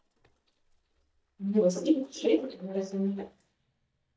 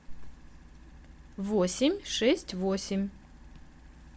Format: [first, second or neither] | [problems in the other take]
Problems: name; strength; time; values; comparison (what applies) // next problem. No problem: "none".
second | noise reduction (neural mask model DeepFilterNet 3)